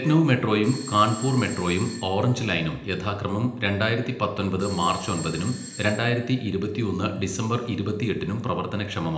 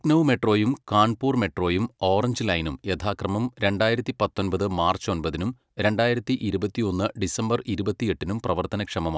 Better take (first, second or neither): second